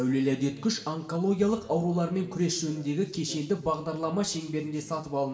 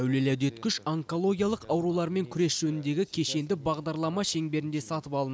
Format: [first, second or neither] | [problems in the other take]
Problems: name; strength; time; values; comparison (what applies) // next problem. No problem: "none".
second | room echo; dies away in 0.7 s